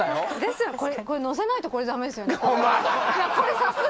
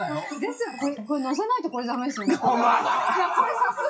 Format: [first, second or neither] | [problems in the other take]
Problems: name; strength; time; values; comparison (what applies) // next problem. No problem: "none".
first | noise reduction (classical method WPE with log-MMSE)